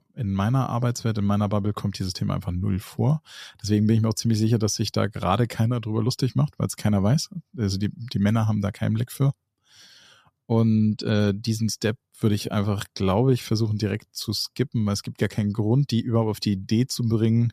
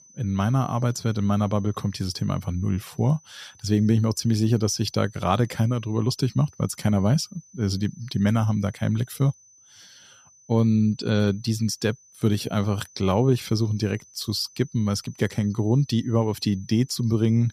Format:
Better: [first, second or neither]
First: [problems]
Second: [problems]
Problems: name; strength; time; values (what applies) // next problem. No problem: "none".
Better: first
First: none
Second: high-pitched whine; faint; throughout; 6 kHz, 25 dB below the speech